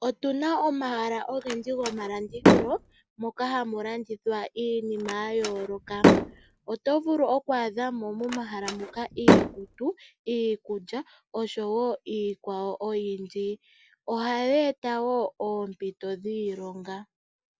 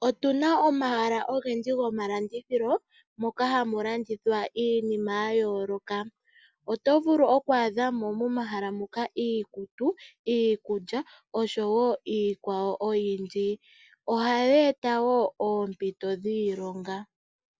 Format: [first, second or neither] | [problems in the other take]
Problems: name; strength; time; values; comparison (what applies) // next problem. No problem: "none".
second | background sound (Slam); 3 dB above the speech